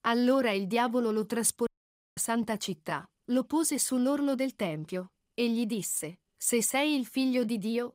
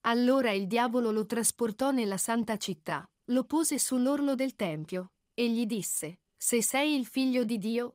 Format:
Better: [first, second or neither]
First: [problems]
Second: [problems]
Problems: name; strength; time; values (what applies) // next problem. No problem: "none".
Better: second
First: audio cutting out; at 1.5 s for 0.5 s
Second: none